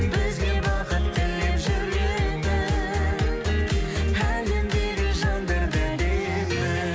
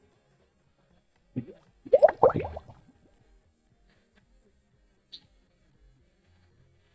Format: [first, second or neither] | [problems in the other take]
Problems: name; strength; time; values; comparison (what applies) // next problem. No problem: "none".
first | noise reduction (neural mask model DeepFilterNet 3)